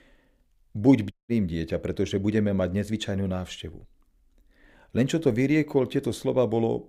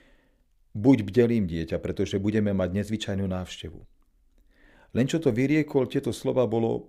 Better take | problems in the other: second | audio cutting out; at 1 s

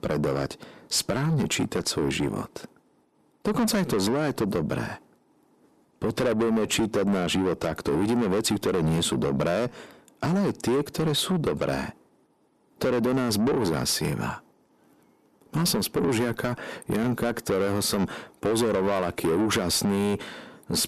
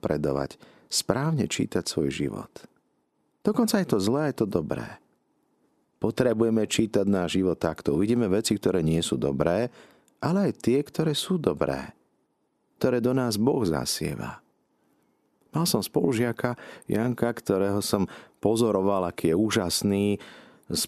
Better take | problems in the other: second | distortion; heavy; 6 dB below the speech

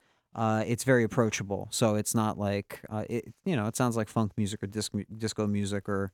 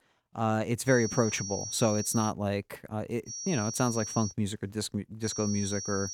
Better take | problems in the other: first | high-pitched whine; loud; from 1 to 2.5 s, from 3.5 to 4.5 s and at 5.5 s; 5.5 kHz, 6 dB below the speech

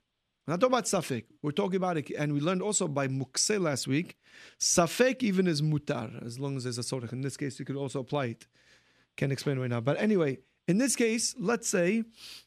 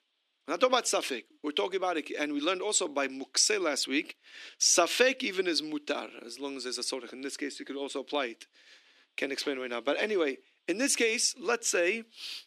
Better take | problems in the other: first | thin; somewhat; fading below 300 Hz

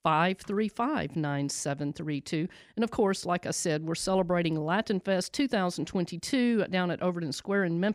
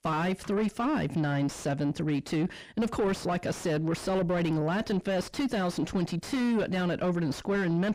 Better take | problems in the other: first | distortion; heavy; 6 dB below the speech

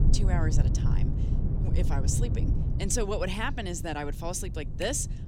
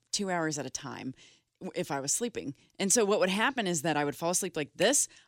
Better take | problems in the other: second | low rumble; loud; throughout; 9 dB below the speech

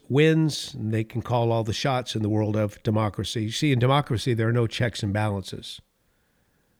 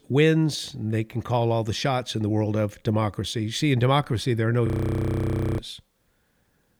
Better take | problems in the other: first | audio freezing; at 4.5 s for 1 s

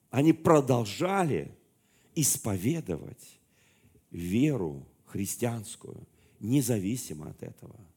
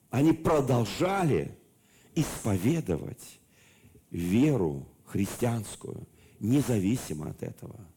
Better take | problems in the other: first | distortion; heavy; 6 dB below the speech

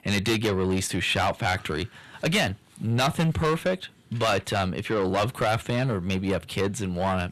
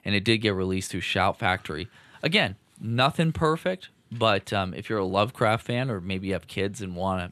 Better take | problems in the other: second | distortion; heavy; 6 dB below the speech

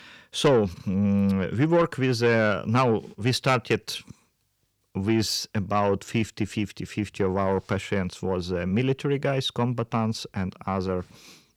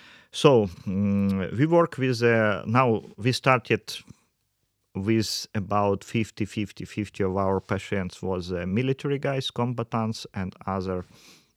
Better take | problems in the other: second | distortion; slight; 10 dB below the speech

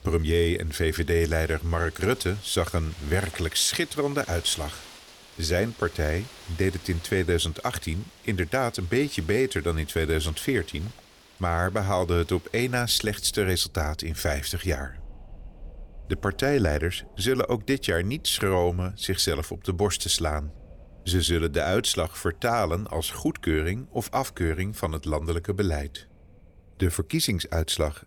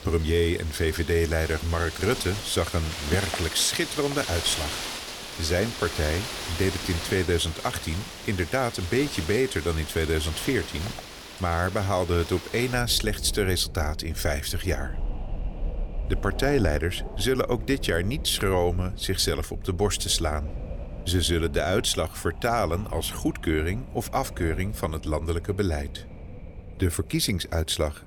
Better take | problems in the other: first | wind in the background; loud; throughout; 10 dB below the speech; faint in the first

